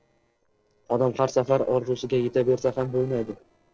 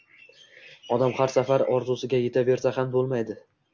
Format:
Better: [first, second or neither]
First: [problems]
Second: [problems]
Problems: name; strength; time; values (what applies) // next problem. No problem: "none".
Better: second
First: noise reduction (neural separator model SepFormer DNS4)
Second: none